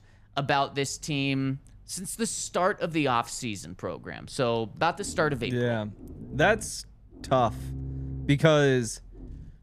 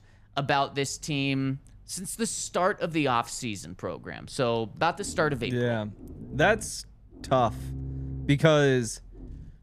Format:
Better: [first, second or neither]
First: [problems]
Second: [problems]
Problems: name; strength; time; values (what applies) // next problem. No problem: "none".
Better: neither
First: low rumble; faint; throughout; 25 dB below the speech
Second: low rumble; faint; throughout; 25 dB below the speech